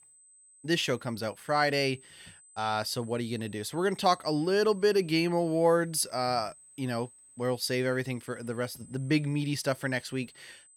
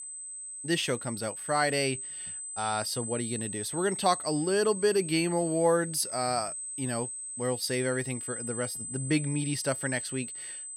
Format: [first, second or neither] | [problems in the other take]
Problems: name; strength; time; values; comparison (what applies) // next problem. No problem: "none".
first | high-pitched whine; loud; throughout; 8 kHz, 6 dB below the speech; faint in the first